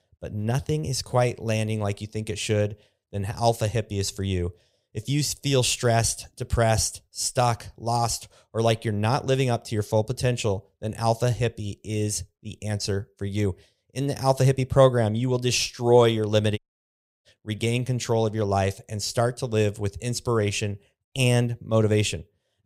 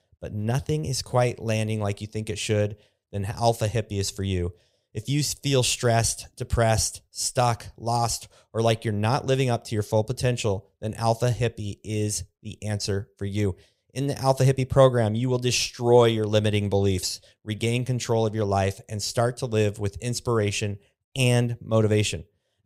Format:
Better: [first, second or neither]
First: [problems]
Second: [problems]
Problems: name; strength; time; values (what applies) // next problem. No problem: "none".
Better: second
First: audio cutting out; at 17 s for 0.5 s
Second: none